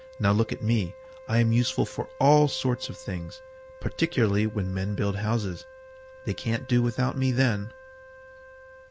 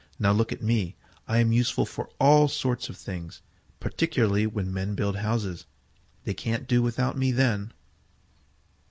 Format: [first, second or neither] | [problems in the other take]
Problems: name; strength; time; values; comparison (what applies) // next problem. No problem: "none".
second | background sound (Wind instrument, woodwind instrument); 20 dB below the speech